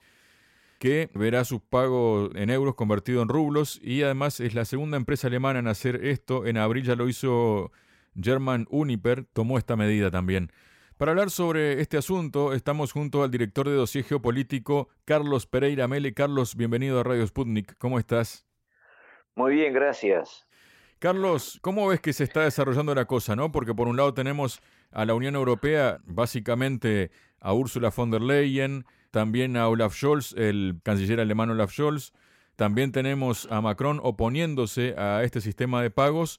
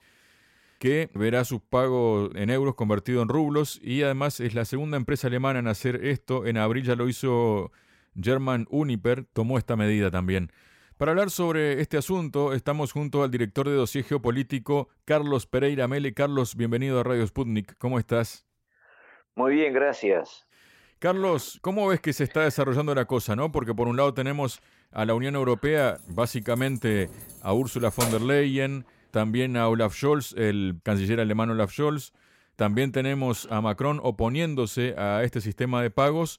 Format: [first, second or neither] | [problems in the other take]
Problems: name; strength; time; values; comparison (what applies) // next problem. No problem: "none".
first | jangling keys; noticeable; from 26 to 28 s; peak 4 dB below the speech